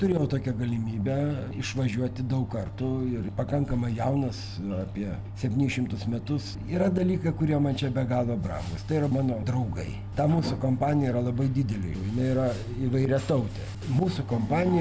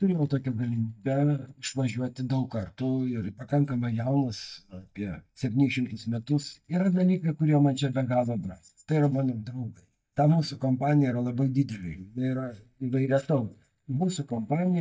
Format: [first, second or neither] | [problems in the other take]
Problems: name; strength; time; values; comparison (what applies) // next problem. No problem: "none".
first | noise reduction (neural mask model DeepFilterNet 3)